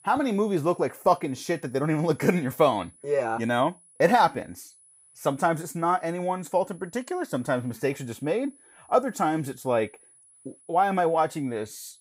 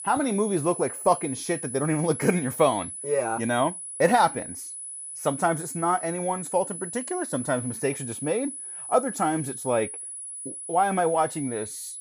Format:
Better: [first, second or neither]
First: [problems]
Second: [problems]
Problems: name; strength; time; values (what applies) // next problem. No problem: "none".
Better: first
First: high-pitched whine; faint; throughout; 10 kHz, 25 dB below the speech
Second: high-pitched whine; loud; throughout; 10 kHz, 8 dB below the speech